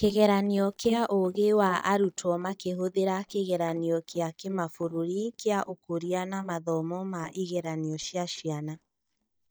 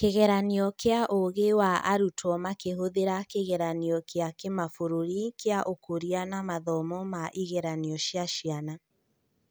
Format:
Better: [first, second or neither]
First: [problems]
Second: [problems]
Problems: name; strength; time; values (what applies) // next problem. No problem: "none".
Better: second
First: noise reduction (neural mask model DeepFilterNet 3)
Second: none